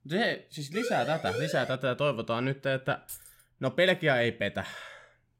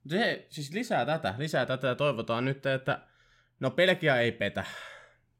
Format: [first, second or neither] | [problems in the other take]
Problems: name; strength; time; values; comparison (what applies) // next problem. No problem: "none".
second | siren; noticeable; from 0.5 to 2 s; peak 5 dB below the speech // jangling keys; faint; at 3 s; peak 15 dB below the speech